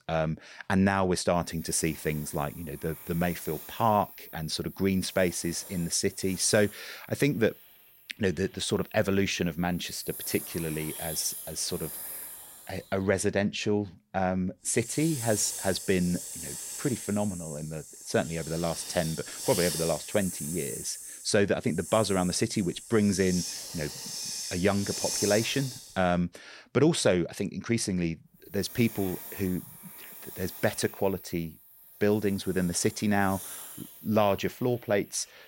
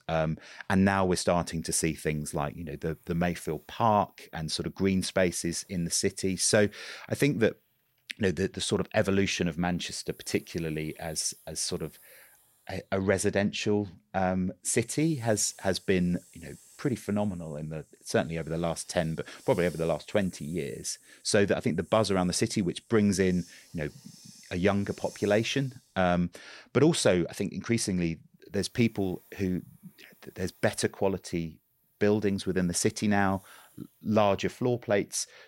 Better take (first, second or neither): second